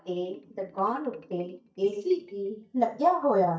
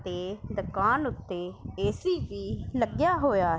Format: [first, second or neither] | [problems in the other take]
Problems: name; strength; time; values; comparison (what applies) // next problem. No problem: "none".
second | noise reduction (neural mask model DeepFilterNet 3)